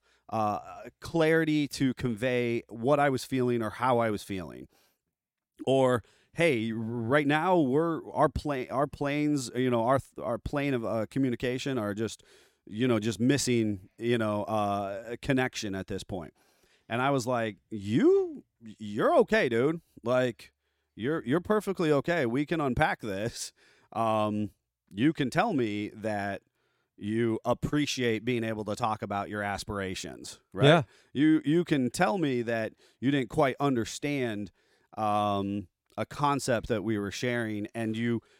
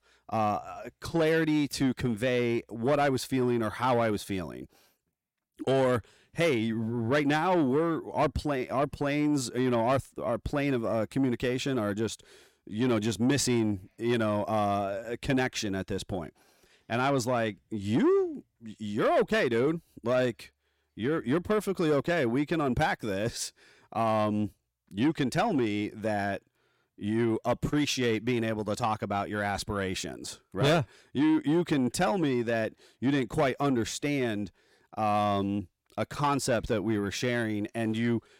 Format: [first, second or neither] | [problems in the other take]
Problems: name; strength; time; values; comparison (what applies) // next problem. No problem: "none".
first | distortion; slight; 10 dB below the speech